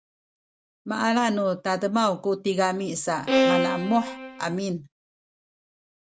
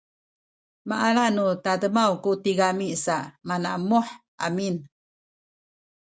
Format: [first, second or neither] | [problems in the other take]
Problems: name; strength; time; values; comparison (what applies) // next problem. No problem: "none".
second | background sound (Bowed string instrument); 2 dB above the speech